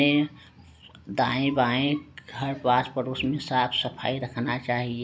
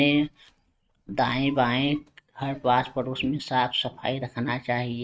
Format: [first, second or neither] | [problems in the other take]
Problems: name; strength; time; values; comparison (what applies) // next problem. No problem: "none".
first | noise reduction (neural mask model RNNoise)